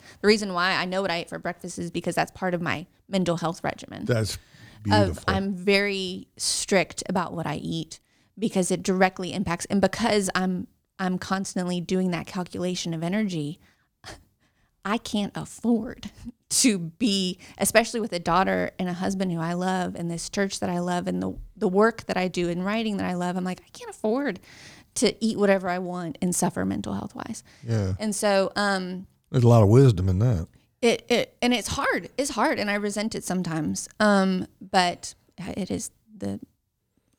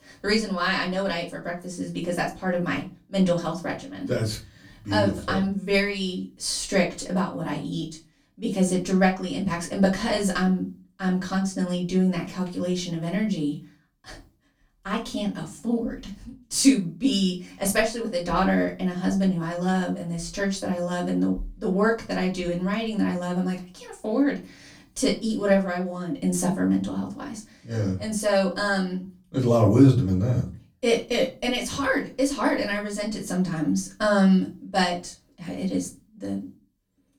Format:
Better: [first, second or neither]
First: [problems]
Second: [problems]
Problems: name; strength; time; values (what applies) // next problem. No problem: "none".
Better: first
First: none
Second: off-mic speech; far // room echo; very slight; dies away in 0.2 s